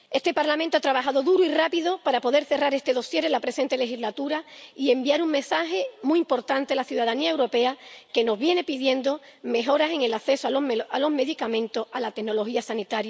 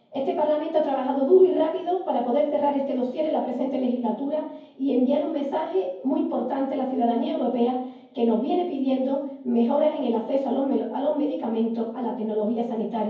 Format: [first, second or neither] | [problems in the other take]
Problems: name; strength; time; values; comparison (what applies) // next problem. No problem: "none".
first | room echo; dies away in 0.9 s